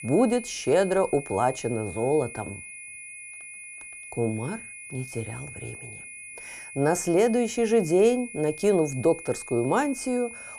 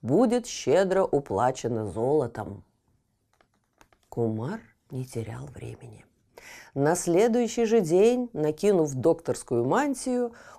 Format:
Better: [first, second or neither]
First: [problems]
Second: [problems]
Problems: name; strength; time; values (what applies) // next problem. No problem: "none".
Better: second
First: high-pitched whine; noticeable; throughout; 2.5 kHz, 15 dB below the speech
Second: none